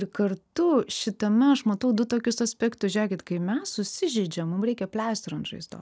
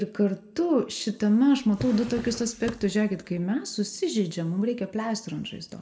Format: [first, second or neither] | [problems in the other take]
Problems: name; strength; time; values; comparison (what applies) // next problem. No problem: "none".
first | background sound (Drawer open or close); 14 dB below the speech // room echo; dies away in 0.6 s